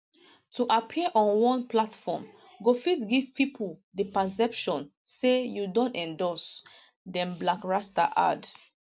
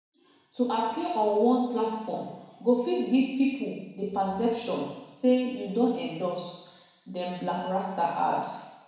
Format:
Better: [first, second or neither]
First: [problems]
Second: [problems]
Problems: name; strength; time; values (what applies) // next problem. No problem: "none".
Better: first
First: none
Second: room echo; dies away in 1.1 s